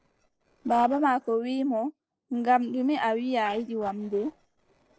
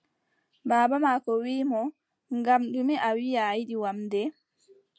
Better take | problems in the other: second | noise reduction (neural separator model SepFormer DNS4)

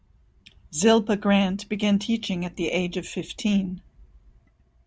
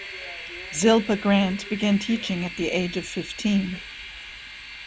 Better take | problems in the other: first | background sound (Train); 13 dB below the speech

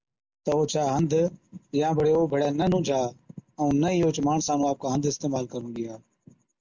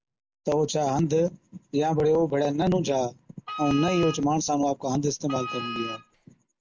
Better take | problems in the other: first | background sound (Wind instrument, woodwind instrument); 10 dB below the speech

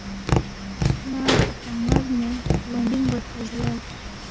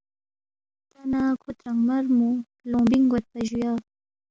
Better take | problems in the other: second | background sound (Tap); 3 dB above the speech

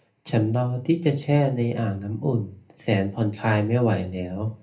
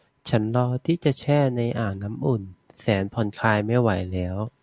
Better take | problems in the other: second | room echo; dies away in 0.3 s

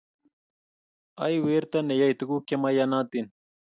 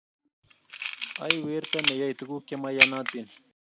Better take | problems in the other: first | background sound (Camera); 4 dB above the speech

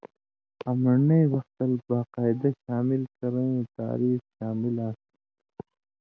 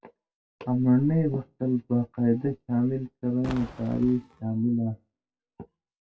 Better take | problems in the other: first | noise reduction (classical method WPE with log-MMSE)

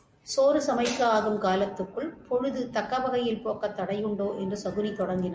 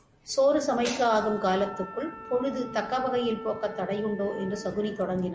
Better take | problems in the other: first | background sound (Wind instrument, woodwind instrument); 15 dB below the speech

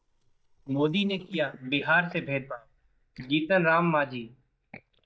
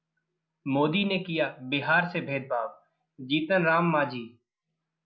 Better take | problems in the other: second | noise reduction (neural mask model DeepFilterNet 3)

